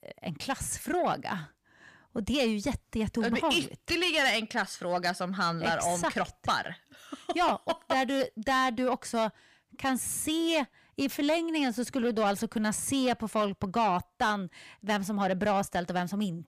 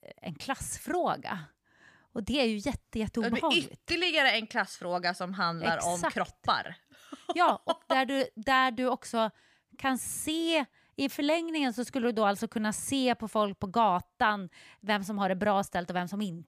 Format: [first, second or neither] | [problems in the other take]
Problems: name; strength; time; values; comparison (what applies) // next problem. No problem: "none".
second | distortion; slight; 10 dB below the speech